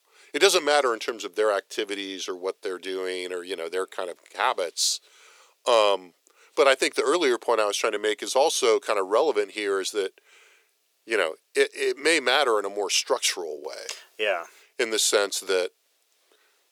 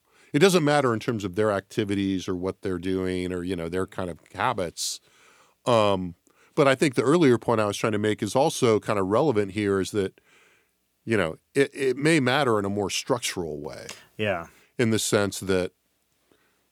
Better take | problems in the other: second | thin; very; fading below 450 Hz

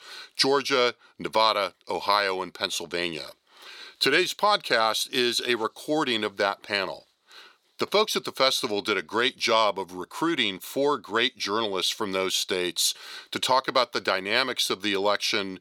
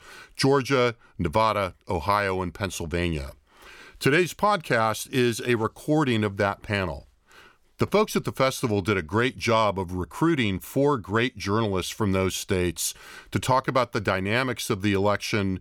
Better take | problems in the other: second | thin; somewhat; fading below 350 Hz

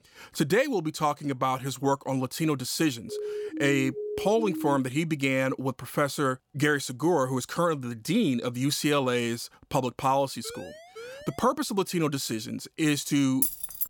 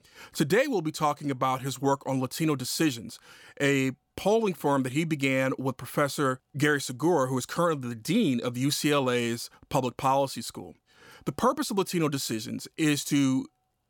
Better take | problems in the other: second | siren; noticeable; from 3 to 5 s; peak 6 dB below the speech // siren; faint; from 10 to 11 s; peak 15 dB below the speech // jangling keys; loud; at 13 s; peak 1 dB above the speech

